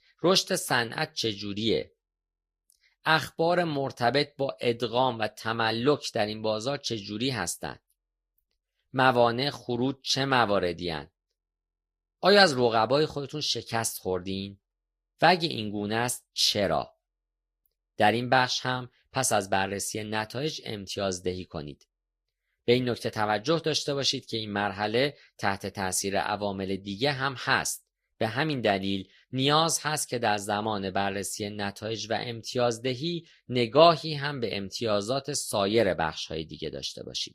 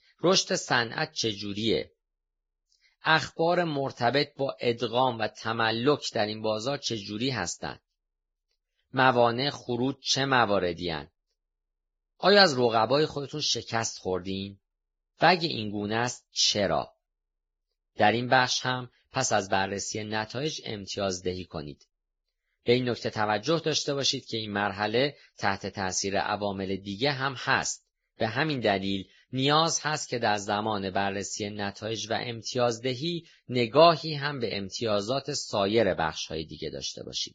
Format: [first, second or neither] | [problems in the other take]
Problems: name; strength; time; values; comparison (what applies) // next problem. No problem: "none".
first | garbled, watery; badly; slightly in the first